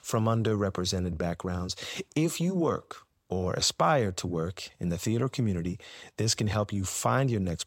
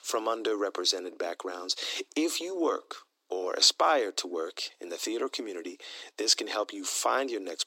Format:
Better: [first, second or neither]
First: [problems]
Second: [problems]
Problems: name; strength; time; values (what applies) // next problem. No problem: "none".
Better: first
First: none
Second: thin; very; fading below 300 Hz